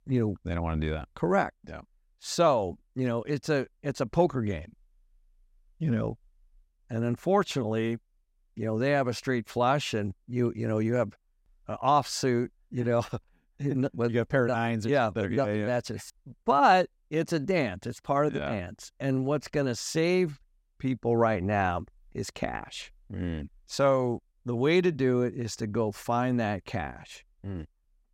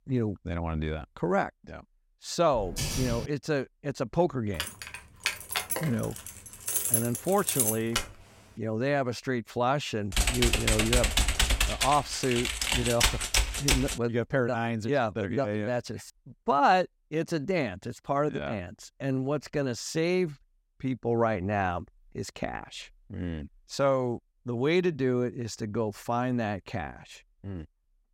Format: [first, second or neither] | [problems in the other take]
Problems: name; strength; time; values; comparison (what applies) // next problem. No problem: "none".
first | keyboard typing; noticeable; at 2.5 s; peak 1 dB below the speech // jangling keys; loud; from 4.5 to 8 s; peak 5 dB above the speech // keyboard typing; loud; from 10 to 14 s; peak 5 dB above the speech